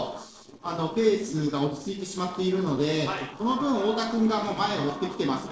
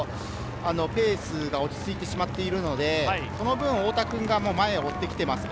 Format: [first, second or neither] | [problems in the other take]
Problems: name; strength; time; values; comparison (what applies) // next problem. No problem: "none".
second | noise reduction (neural separator model SepFormer DNS4)